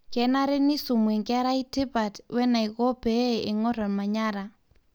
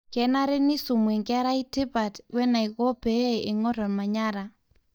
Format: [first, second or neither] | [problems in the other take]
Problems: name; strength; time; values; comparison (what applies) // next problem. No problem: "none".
first | noise reduction (neural mask model DeepFilterNet 3)